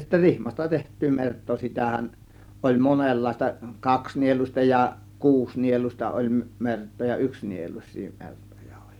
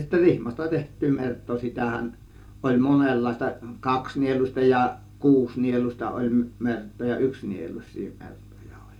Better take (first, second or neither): first